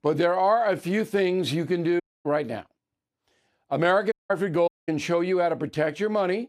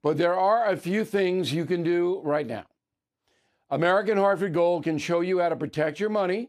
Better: second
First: audio cutting out; at 2 s, at 4 s and at 4.5 s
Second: none

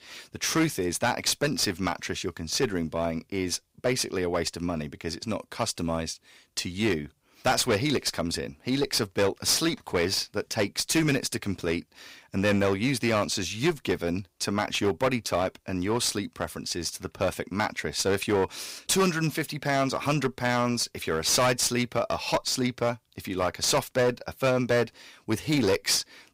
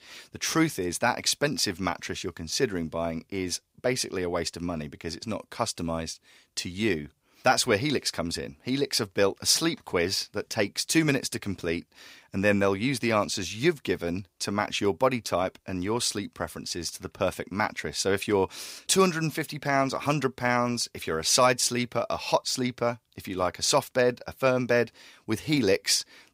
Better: second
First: distortion; slight; 6% of the sound clipped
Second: none

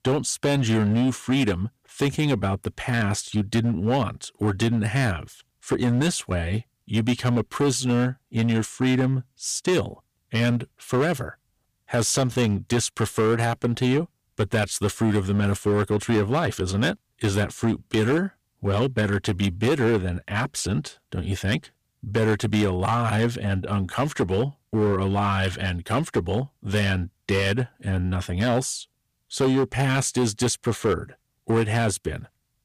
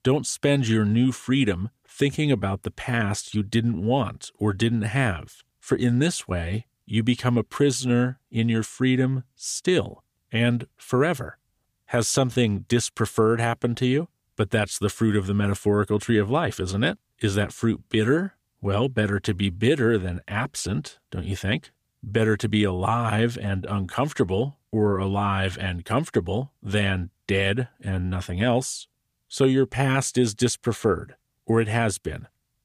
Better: second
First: distortion; slight; 9% of the sound clipped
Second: none

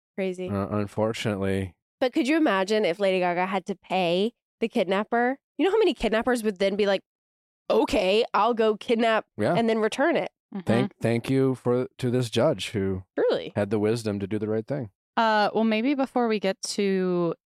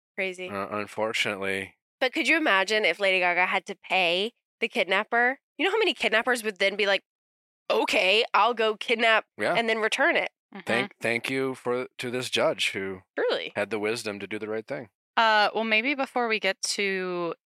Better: first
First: none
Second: thin; somewhat; fading below 800 Hz

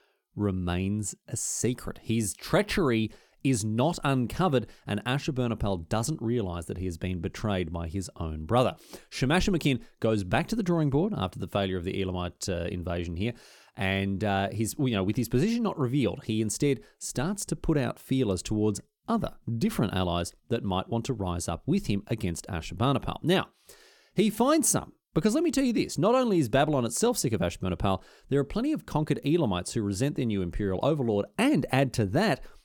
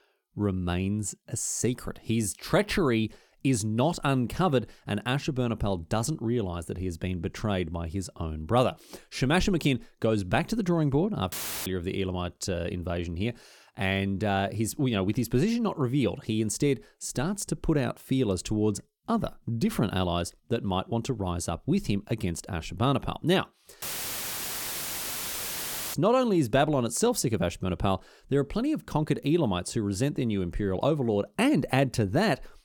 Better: first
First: none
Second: audio cutting out; filled with static; at 11 s and at 24 s for 2 s

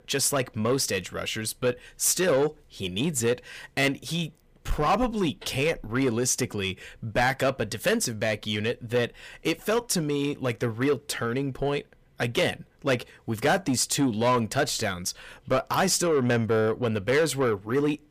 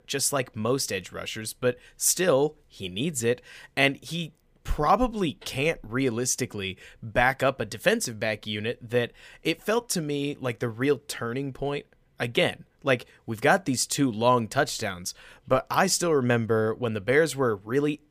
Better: second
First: distortion; slight; 10 dB below the speech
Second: none

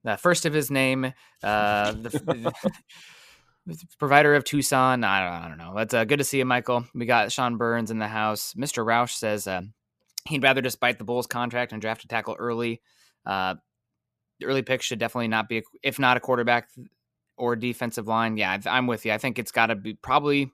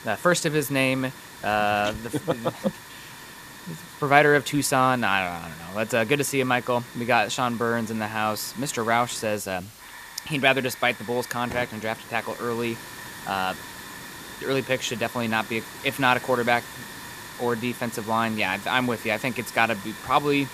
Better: first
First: none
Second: hiss; noticeable; throughout; 15 dB below the speech

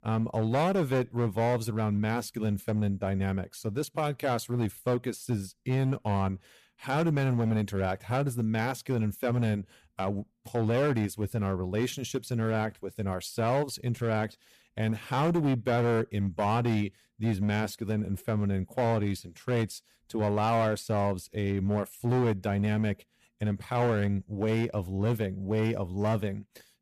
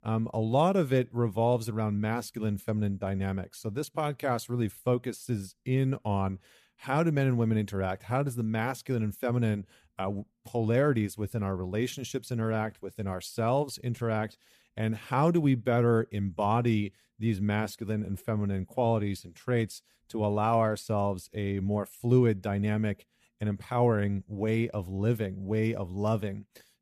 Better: second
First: distortion; slight; 9% of the sound clipped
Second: none

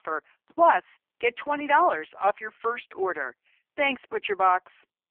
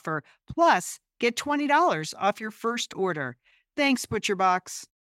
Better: second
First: phone-call audio; poor line; nothing above 3 kHz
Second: none

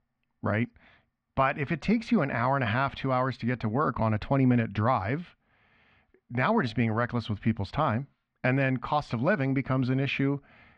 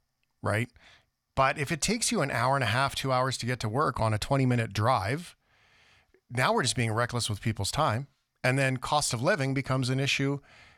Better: second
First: muffled; very; fading above 2.5 kHz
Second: none

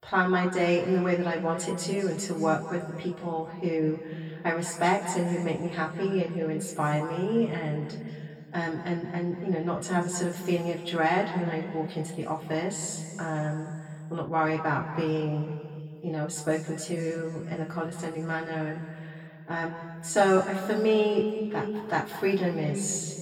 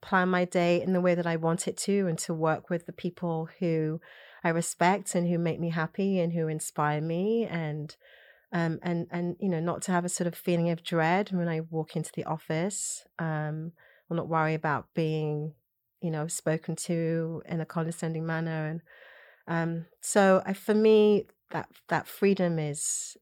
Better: second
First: room echo; slight; dies away in 2.3 s // off-mic speech; far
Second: none

